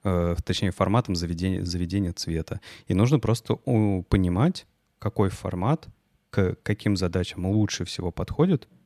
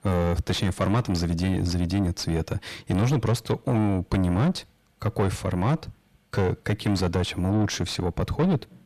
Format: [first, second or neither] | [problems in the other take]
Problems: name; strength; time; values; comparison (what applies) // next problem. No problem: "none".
first | distortion; heavy; 7 dB below the speech